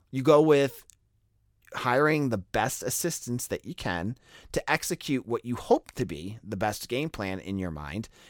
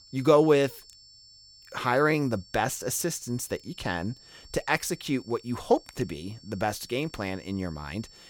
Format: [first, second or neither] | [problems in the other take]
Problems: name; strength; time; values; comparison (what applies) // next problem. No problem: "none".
first | high-pitched whine; faint; throughout; 5.5 kHz, 25 dB below the speech